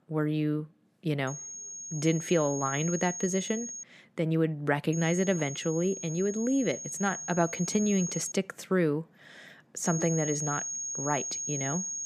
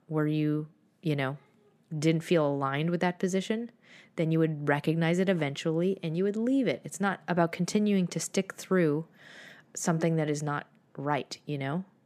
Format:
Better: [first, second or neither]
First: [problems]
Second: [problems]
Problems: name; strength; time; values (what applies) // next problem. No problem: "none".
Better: second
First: high-pitched whine; loud; from 1.5 to 4 s, from 5 to 8.5 s and from 10 s on; 6.5 kHz, 5 dB below the speech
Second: none